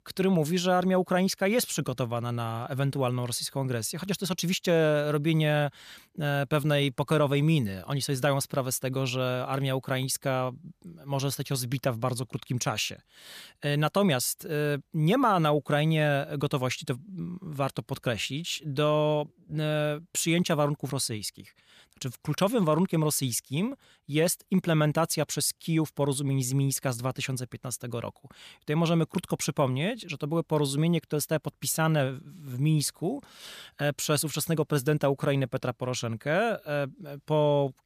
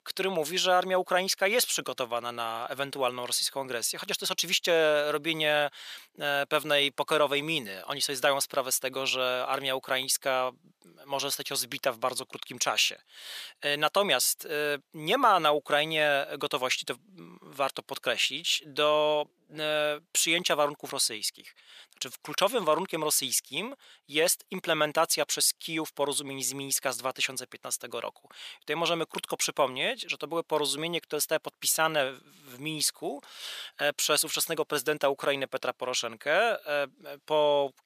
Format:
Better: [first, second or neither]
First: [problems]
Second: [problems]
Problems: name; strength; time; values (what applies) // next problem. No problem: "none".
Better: first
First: none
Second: thin; very; fading below 500 Hz